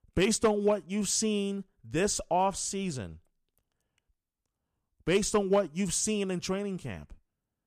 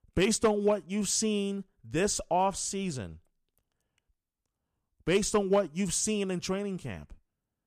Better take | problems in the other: neither | none

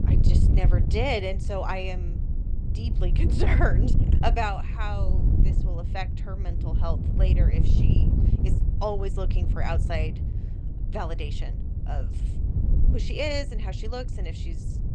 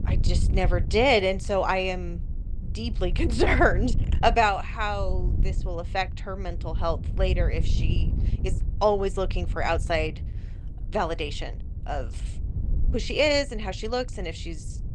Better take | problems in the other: second | wind noise on the microphone; heavy; 8 dB below the speech; occasional gusts in the second

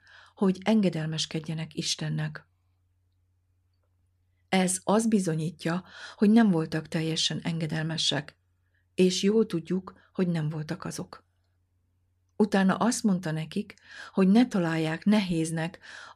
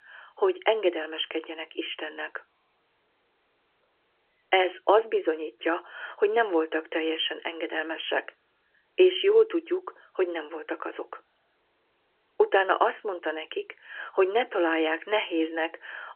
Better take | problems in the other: first | phone-call audio; nothing above 3 kHz

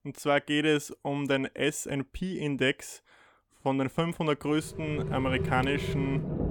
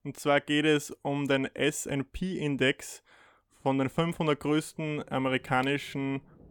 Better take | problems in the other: second | rain or running water; loud; from 5 s on; 4 dB below the speech; faint in the second

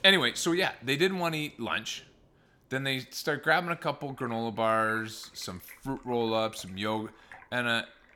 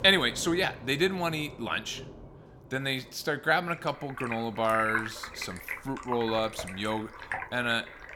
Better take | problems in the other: first | rain or running water; loud; throughout; 10 dB below the speech; faint in the first

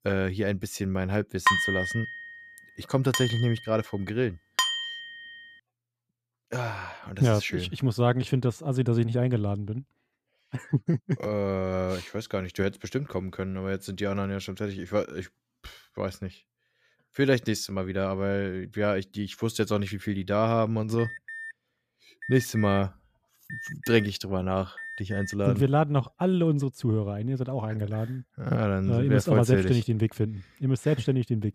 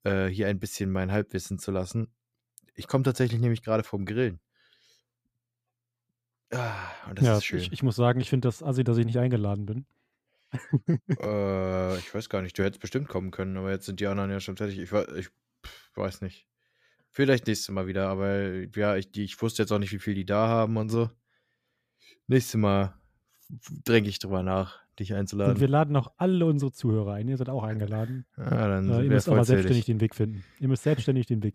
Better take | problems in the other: second | clattering dishes; loud; from 1.5 to 5 s; peak 5 dB above the speech // alarm; noticeable; from 21 to 25 s; peak 9 dB below the speech

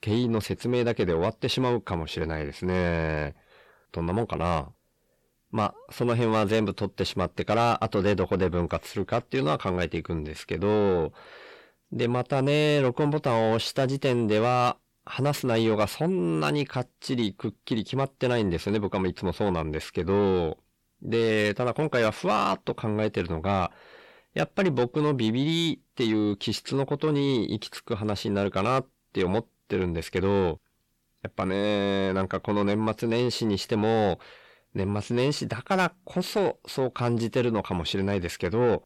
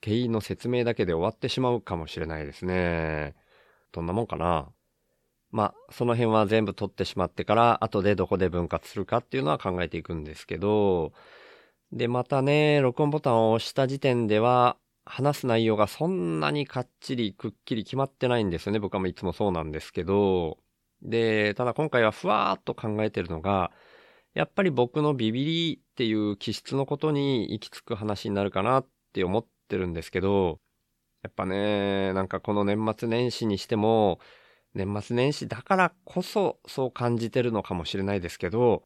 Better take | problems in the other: second | distortion; slight; 10 dB below the speech

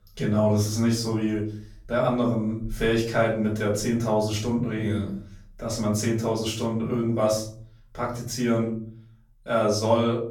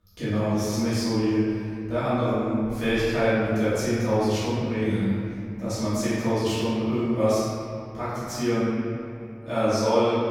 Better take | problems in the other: first | room echo; strong; dies away in 2.6 s; slight in the first // off-mic speech; far; far in the first

